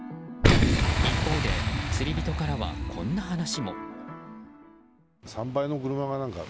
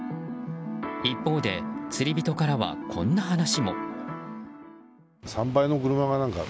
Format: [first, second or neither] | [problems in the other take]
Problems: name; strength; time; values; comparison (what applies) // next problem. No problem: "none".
second | background sound (Boom); 4 dB above the speech